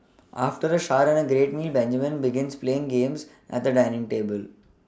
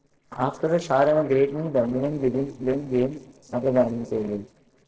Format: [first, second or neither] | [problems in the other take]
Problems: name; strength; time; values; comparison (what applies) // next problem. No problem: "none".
first | noise reduction (neural separator model SepFormer DNS4)